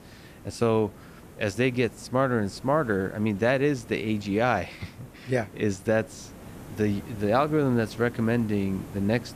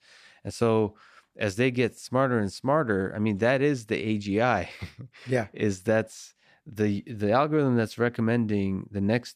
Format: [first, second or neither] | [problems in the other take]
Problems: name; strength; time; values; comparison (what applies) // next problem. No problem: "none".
second | hiss; noticeable; throughout; 20 dB below the speech